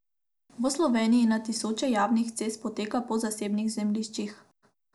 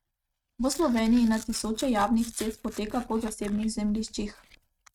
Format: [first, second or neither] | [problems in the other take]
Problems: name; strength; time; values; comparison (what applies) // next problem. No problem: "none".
first | noise reduction (neural mask model RNNoise)